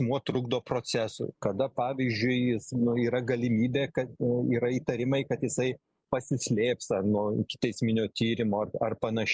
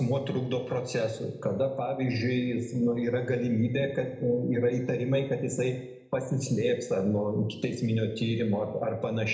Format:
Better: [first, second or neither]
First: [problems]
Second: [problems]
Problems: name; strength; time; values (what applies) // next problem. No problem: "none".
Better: first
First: none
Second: room echo; dies away in 0.7 s